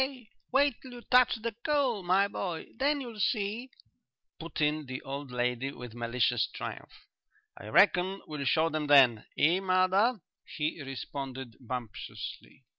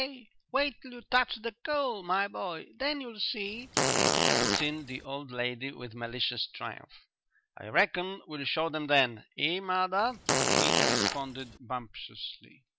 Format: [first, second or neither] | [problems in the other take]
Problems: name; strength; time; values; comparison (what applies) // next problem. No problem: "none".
first | background sound (Fart); 5 dB above the speech